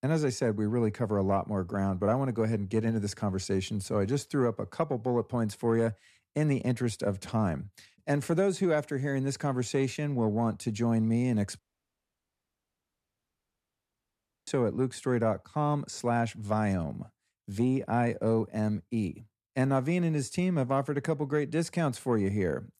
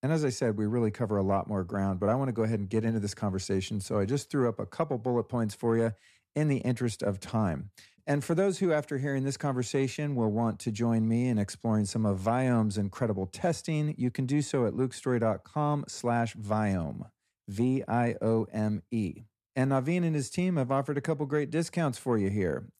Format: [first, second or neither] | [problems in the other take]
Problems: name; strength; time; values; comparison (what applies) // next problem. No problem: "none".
second | audio cutting out; at 12 s for 3 s